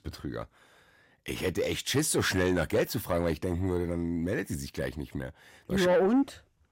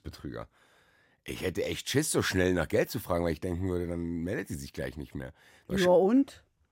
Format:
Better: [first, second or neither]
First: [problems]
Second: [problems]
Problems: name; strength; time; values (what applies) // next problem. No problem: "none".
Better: second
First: distortion; slight; 10 dB below the speech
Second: none